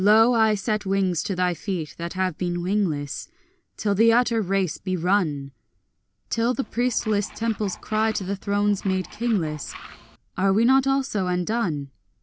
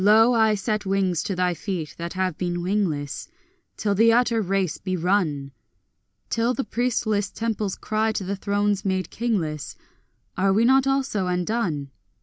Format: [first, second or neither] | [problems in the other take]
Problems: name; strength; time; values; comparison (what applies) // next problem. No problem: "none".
second | background sound (Tools); 20 dB below the speech